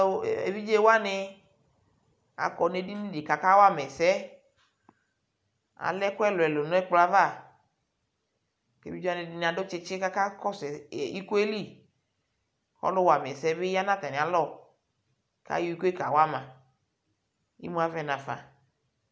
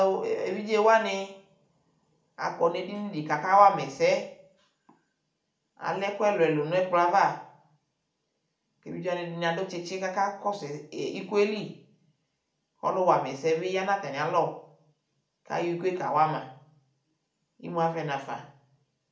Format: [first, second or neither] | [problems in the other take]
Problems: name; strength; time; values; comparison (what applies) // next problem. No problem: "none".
first | room echo; dies away in 0.4 s